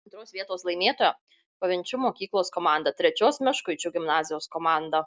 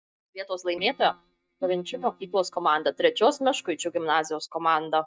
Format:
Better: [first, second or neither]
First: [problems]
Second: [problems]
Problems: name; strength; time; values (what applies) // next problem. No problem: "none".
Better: first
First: none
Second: noise reduction (neural mask model DeepFilterNet 3)